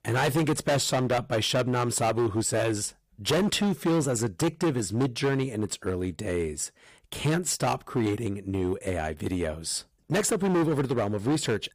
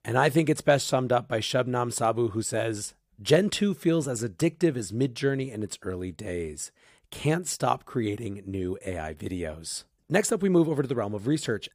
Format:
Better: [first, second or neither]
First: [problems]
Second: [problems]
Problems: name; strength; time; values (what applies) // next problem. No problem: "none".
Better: second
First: distortion; heavy; 14% of the sound clipped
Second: none